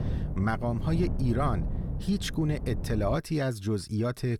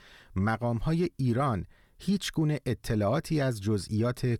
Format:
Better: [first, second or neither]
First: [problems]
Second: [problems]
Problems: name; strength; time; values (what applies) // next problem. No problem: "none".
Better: second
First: wind noise on the microphone; occasional gusts; until 3 s; 10 dB below the speech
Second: none